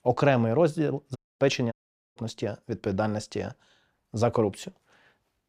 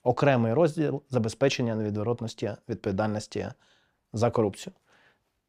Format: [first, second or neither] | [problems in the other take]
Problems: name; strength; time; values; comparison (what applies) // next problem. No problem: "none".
second | audio cutting out; at 1 s and at 1.5 s